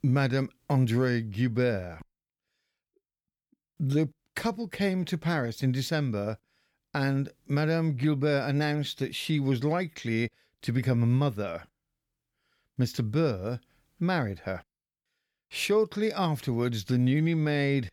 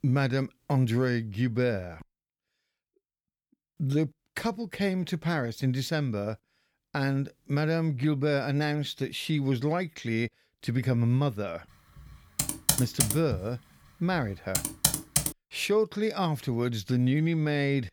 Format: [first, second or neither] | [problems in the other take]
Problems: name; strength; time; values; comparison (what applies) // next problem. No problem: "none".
first | keyboard typing; loud; from 12 to 15 s; peak 5 dB above the speech